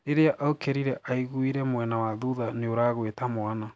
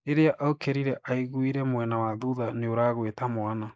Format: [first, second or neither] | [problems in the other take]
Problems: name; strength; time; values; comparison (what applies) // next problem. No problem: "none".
first | noise reduction (neural mask model Resemble Enhance denoiser)